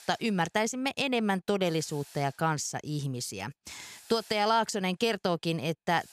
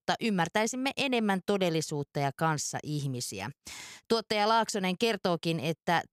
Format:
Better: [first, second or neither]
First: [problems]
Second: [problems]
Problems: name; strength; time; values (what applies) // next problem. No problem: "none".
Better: second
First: hiss; faint; throughout; 25 dB below the speech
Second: none